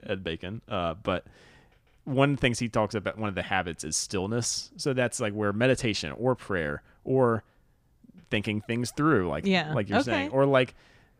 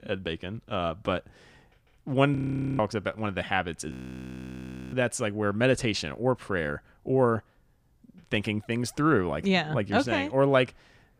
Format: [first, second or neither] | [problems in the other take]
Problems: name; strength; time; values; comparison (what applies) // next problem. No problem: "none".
first | audio freezing; at 2.5 s and at 4 s for 1 s